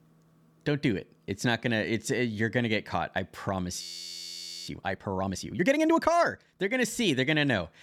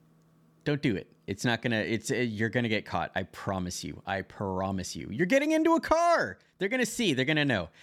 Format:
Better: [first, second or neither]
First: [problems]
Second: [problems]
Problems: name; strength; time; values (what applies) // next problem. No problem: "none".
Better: second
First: audio freezing; at 4 s for 1 s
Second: none